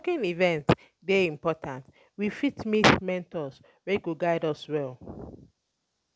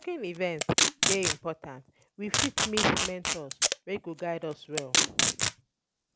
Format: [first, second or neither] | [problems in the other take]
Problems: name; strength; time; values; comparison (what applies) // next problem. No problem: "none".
first | background sound (Packing tape, duct tape); 4 dB above the speech